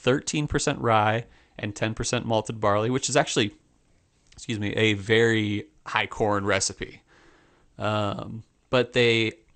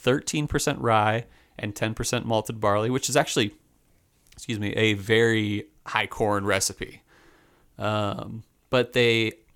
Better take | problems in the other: second | garbled, watery; slightly; nothing above 8.5 kHz

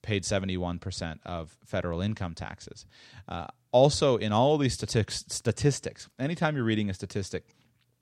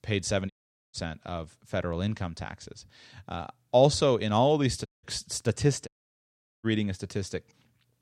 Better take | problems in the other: first | audio cutting out; at 0.5 s, at 5 s and at 6 s for 1 s

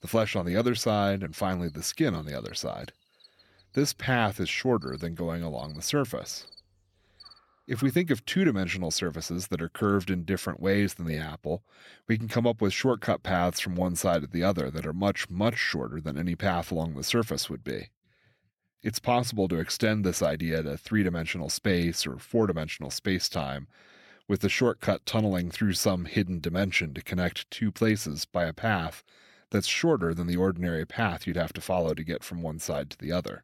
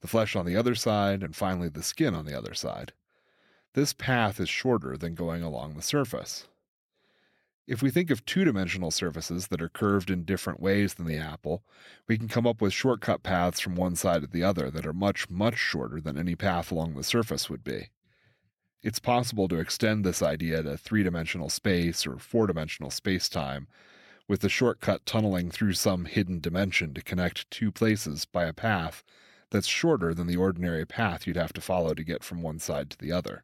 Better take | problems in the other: second | animal sounds; faint; until 8 s; 25 dB below the speech

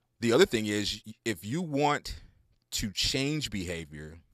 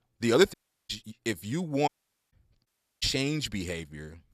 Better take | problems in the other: first | audio cutting out; at 0.5 s, at 2 s and at 2.5 s

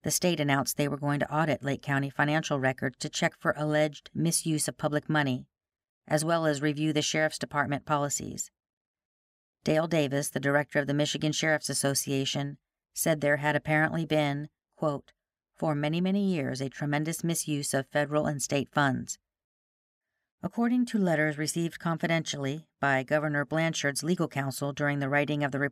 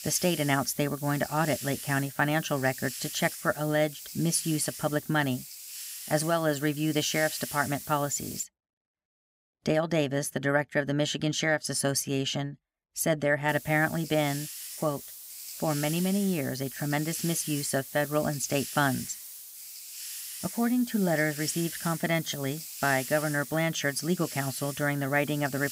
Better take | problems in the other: first | hiss; loud; until 8.5 s and from 13 s on; 9 dB below the speech

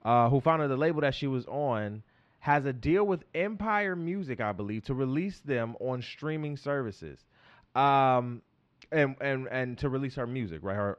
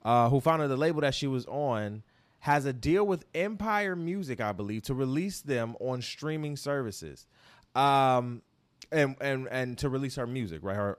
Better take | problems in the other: second | muffled; slightly; fading above 2.5 kHz

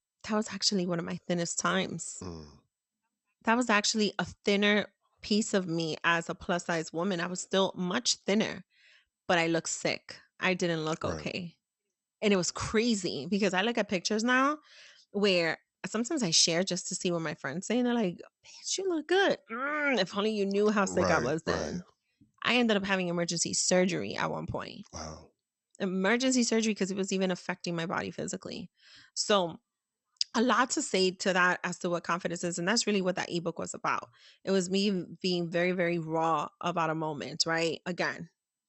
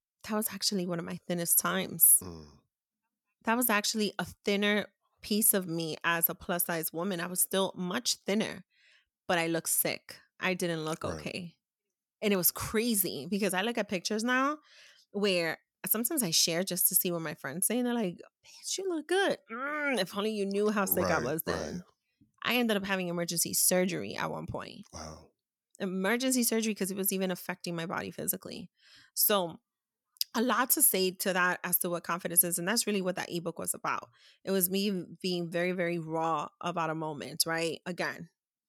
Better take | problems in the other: second | garbled, watery; slightly; nothing above 8 kHz

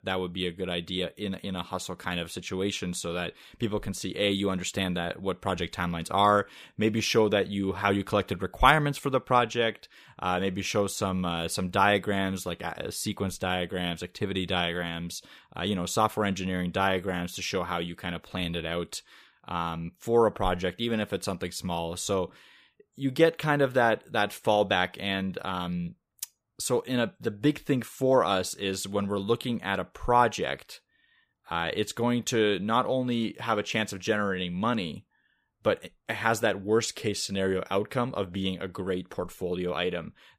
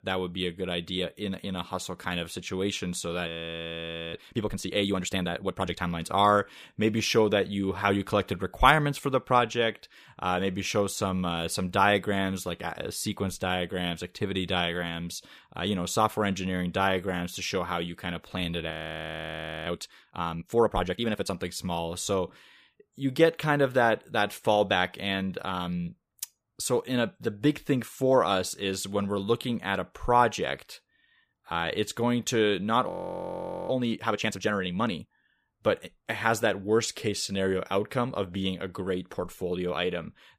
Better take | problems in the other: first | audio freezing; at 3.5 s for 1 s, at 19 s for 1 s and at 33 s for 1 s

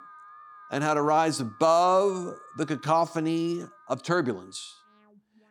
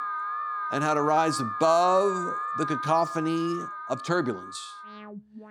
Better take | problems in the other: first | alarms or sirens; loud; throughout; 6 dB below the speech; faint in the first

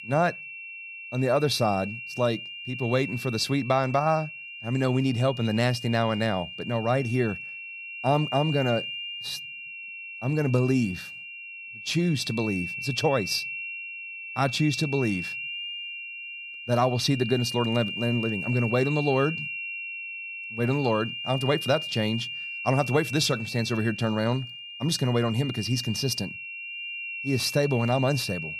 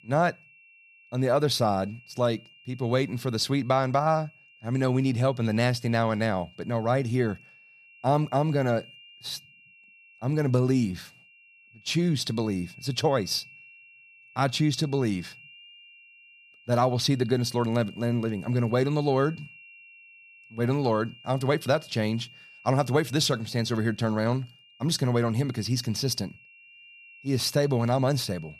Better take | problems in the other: second | high-pitched whine; loud; throughout; 3 kHz, 8 dB below the speech; faint in the second

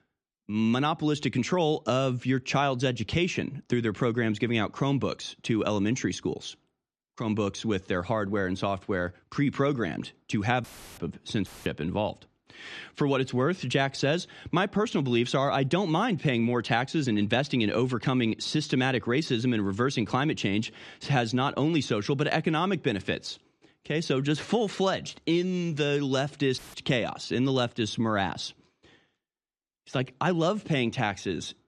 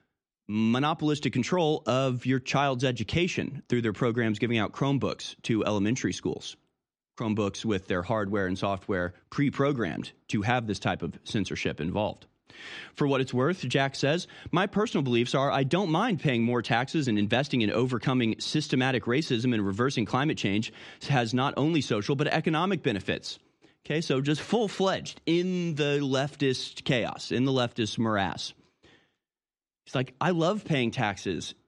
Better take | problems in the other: second | audio cutting out; filled with static; at 11 s and at 27 s

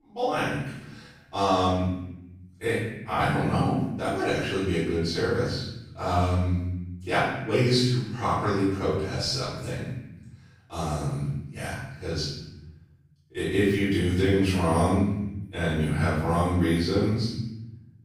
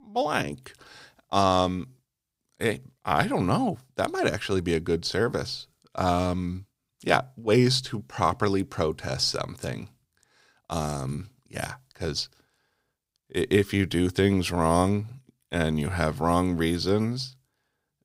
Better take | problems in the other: second | off-mic speech; far // room echo; strong; dies away in 1 s

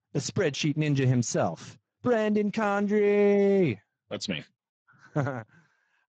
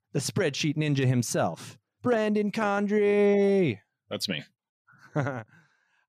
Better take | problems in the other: second | garbled, watery; badly; nothing above 7.5 kHz

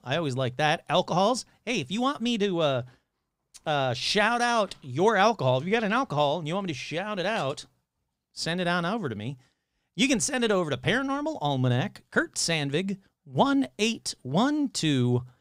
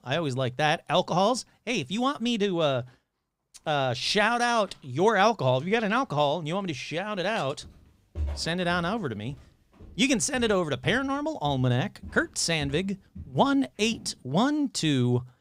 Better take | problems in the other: first | footsteps; noticeable; from 7.5 to 14 s; peak 8 dB below the speech

